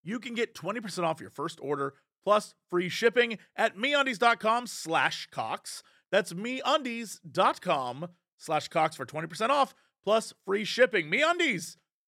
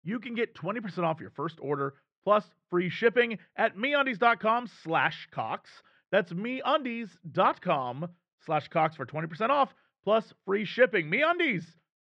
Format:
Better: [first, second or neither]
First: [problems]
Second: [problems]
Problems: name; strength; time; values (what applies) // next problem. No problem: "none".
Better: first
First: none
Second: muffled; very; fading above 3 kHz